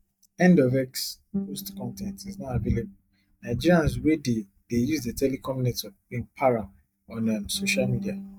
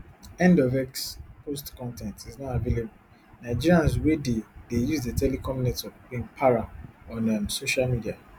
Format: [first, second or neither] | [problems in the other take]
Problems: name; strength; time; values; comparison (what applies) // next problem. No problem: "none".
second | noise reduction (neural mask model DeepFilterNet 3)